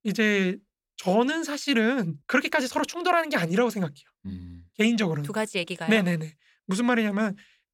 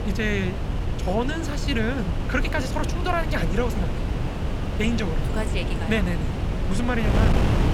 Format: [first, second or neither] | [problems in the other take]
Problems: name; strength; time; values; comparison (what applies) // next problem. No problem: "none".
first | wind noise on the microphone; heavy; 5 dB below the speech